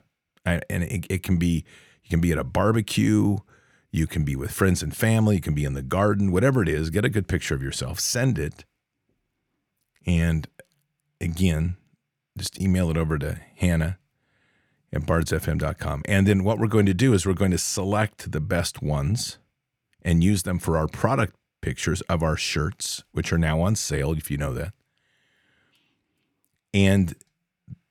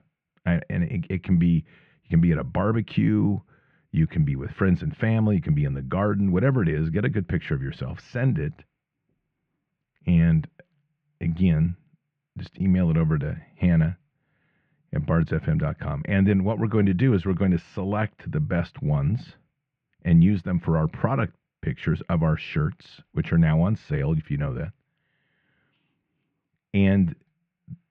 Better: first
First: none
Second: muffled; very; fading above 3 kHz

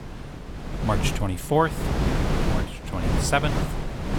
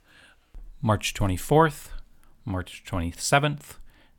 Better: second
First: wind noise on the microphone; heavy; 5 dB below the speech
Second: none

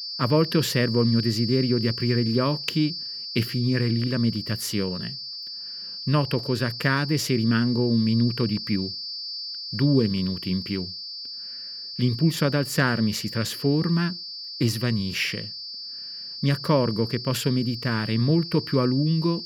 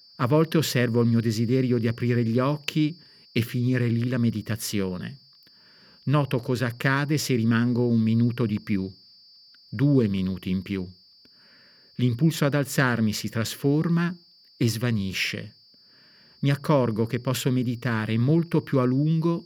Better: second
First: high-pitched whine; loud; throughout; 4.5 kHz, 8 dB below the speech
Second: high-pitched whine; faint; throughout; 4.5 kHz, 25 dB below the speech

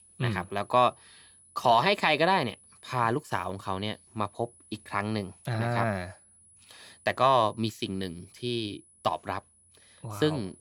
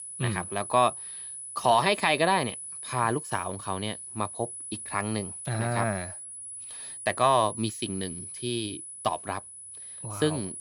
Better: first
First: high-pitched whine; faint; throughout; 10 kHz, 25 dB below the speech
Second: high-pitched whine; loud; throughout; 10 kHz, 9 dB below the speech

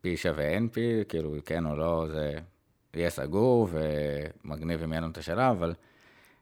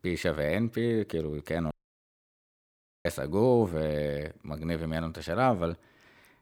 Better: first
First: none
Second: audio cutting out; at 1.5 s for 1.5 s

